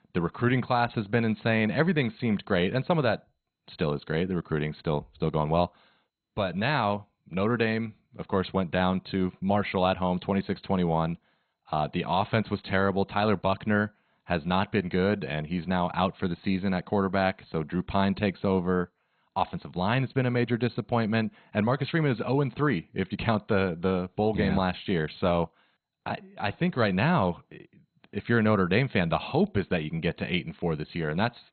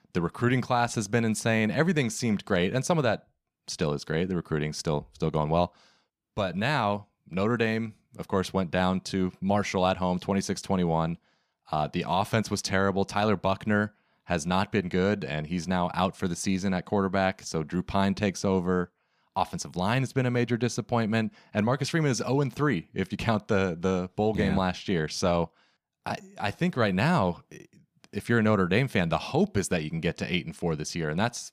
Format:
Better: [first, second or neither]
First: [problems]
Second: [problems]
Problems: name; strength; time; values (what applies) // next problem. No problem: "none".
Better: second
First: garbled, watery; badly; nothing above 4 kHz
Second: none